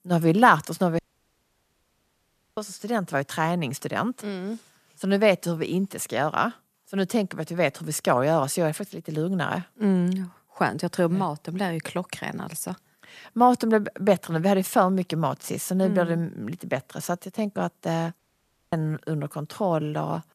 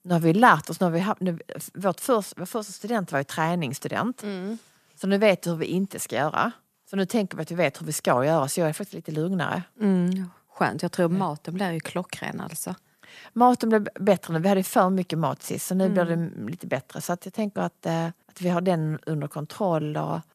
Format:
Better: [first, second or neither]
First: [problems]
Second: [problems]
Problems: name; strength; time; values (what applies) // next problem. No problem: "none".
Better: second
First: audio cutting out; at 1 s for 1.5 s and at 18 s for 0.5 s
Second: none